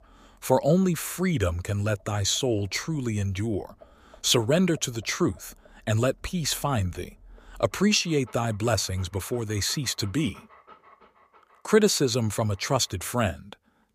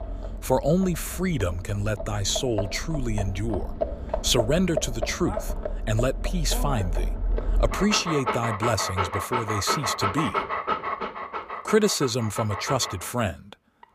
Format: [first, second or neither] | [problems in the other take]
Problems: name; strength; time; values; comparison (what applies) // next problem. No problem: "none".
first | animal sounds; loud; throughout; 4 dB below the speech; faint in the first